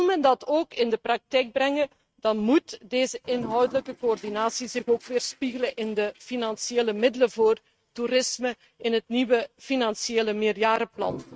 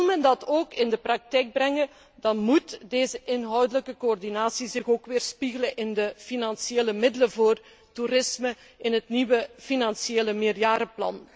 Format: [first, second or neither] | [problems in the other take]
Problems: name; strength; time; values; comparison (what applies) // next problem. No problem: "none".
second | noise reduction (neural mask model RNNoise)